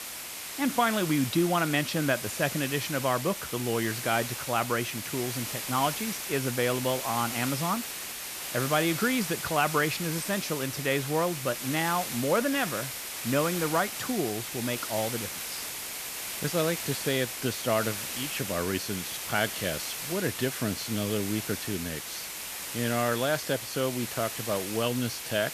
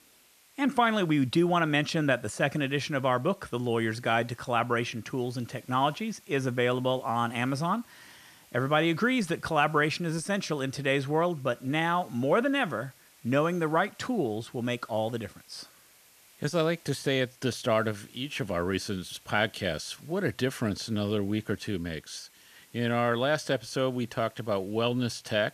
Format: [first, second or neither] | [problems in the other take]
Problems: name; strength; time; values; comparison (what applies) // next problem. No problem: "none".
second | hiss; loud; throughout; 4 dB below the speech; faint in the second